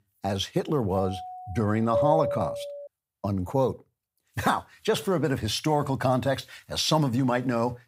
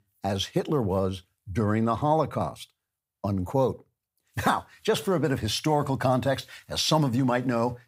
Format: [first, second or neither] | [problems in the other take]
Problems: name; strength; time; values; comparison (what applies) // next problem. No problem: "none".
second | doorbell; loud; from 1 to 3 s; peak 2 dB above the speech